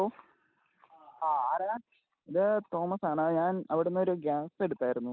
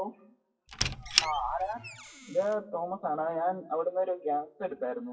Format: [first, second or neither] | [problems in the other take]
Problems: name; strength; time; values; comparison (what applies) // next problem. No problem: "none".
first | noise reduction (classical method WPE with log-MMSE)